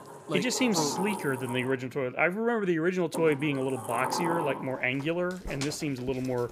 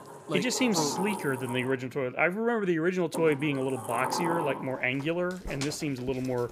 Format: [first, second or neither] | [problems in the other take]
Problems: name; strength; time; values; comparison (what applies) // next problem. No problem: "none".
neither | household noises; loud; throughout; 8 dB below the speech; the same in both